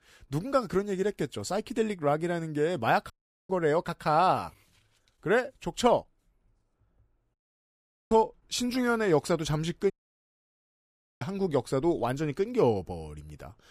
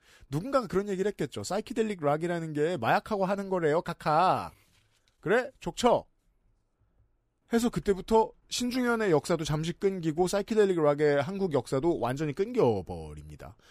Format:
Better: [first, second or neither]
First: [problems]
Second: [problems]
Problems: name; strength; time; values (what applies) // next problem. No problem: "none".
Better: second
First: audio cutting out; at 3 s, at 7.5 s for 1 s and at 10 s for 1.5 s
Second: none